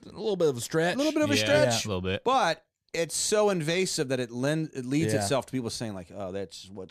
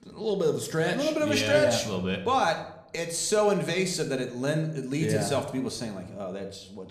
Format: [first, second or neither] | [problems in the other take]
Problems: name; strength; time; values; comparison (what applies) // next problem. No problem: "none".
first | room echo; slight; dies away in 0.6 s